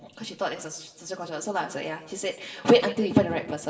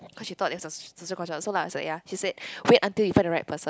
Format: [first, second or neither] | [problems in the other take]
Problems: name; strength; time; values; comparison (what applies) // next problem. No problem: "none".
second | room echo; dies away in 0.8 s